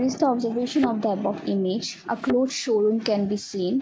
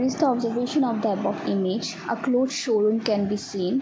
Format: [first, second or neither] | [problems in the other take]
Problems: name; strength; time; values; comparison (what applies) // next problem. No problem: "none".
second | noise reduction (neural mask model RNNoise)